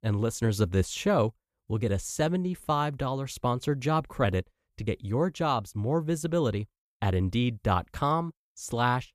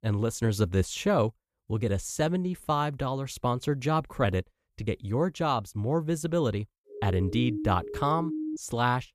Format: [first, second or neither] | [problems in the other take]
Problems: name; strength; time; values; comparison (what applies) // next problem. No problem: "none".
first | siren; noticeable; from 7 to 8.5 s; peak 4 dB below the speech